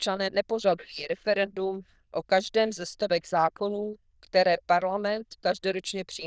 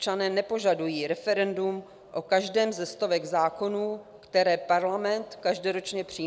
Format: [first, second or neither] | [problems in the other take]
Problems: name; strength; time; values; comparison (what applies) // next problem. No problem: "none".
second | noise reduction (neural diffusion model UNIVERSE++)